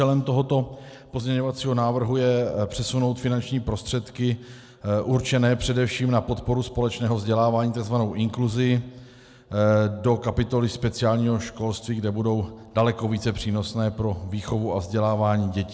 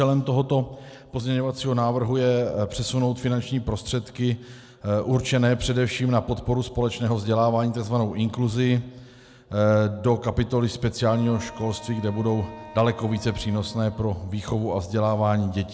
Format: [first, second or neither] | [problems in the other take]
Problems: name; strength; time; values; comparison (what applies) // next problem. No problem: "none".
first | background sound (Wind instrument, woodwind instrument); 20 dB below the speech